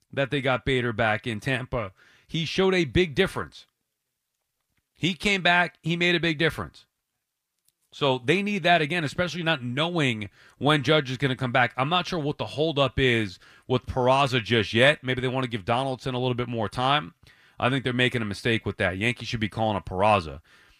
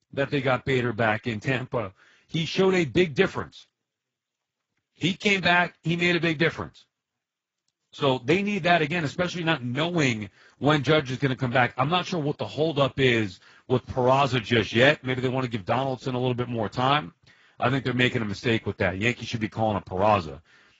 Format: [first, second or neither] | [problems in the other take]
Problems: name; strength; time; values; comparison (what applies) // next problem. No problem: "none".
first | garbled, watery; badly; nothing above 7.5 kHz